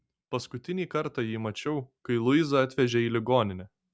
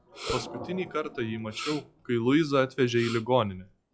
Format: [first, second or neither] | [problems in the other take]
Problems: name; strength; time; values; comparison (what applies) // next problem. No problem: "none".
first | noise reduction (classical method log-MMSE)